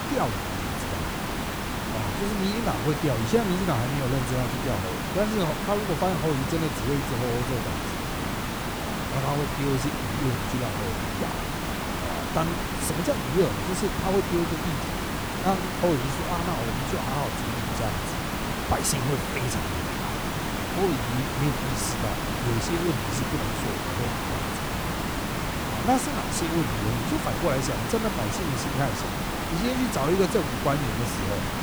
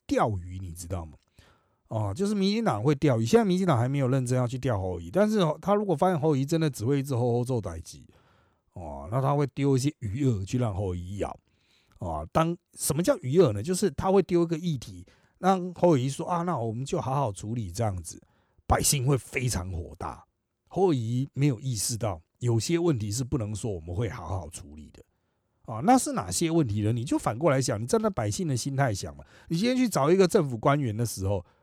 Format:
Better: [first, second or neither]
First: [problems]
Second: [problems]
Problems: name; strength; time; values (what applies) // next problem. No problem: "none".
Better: second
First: hiss; loud; throughout; as loud as the speech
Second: none